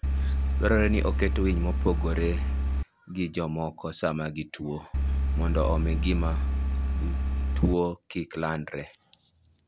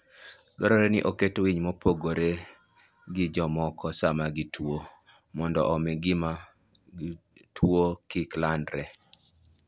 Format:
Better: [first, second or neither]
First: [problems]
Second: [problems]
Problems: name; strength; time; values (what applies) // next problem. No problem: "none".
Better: second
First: background sound (Engine); 5 dB above the speech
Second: none